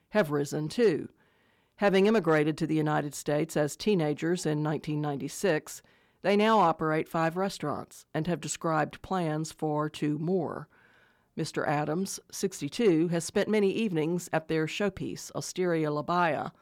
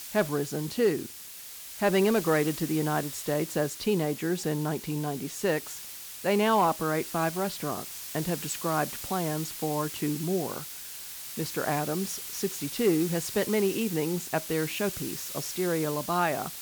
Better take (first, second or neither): first